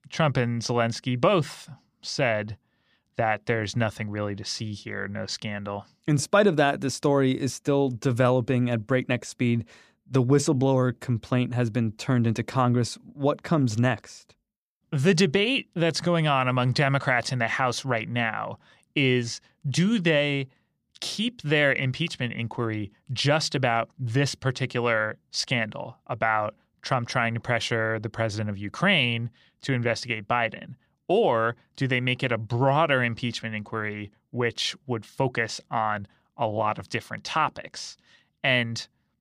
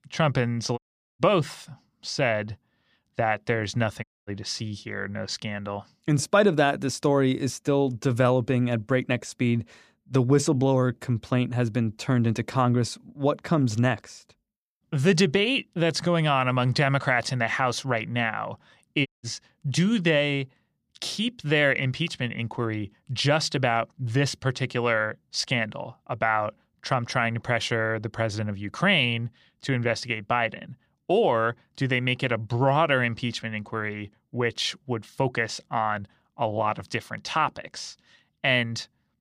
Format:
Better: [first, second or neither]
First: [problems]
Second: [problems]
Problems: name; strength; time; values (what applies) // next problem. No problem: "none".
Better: first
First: none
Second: audio cutting out; at 1 s, at 4 s and at 19 s